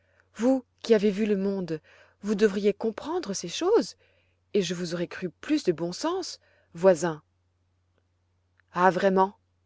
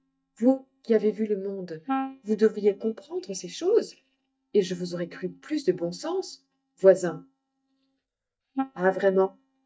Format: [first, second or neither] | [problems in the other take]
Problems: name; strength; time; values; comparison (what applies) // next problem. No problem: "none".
first | noise reduction (neural mask model DeepFilterNet 3)